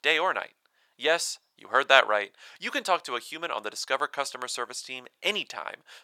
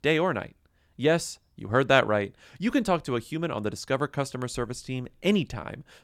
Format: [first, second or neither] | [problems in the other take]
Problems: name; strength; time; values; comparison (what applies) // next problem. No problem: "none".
second | thin; very; fading below 850 Hz